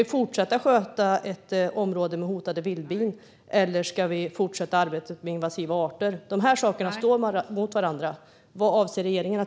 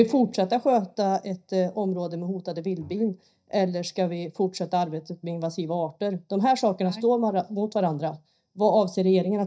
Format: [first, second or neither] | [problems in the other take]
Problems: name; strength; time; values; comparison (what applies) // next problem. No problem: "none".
first | noise reduction (neural mask model DeepFilterNet 3)